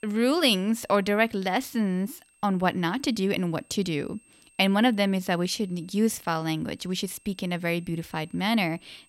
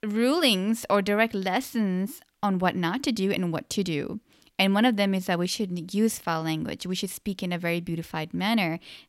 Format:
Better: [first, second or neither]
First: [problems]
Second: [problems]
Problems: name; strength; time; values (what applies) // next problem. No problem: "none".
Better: second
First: high-pitched whine; faint; throughout; 8.5 kHz, 30 dB below the speech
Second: none